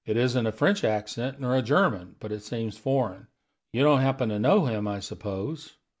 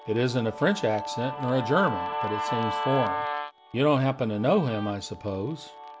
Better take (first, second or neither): first